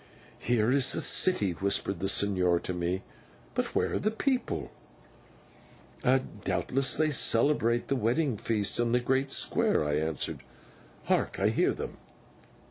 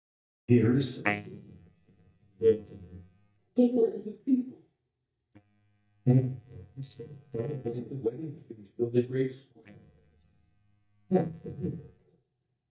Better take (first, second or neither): first